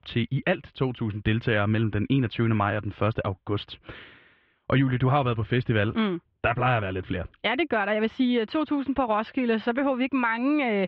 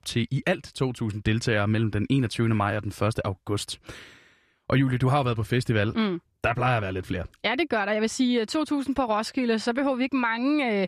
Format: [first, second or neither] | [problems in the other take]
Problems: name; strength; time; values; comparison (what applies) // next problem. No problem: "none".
second | muffled; very; fading above 3.5 kHz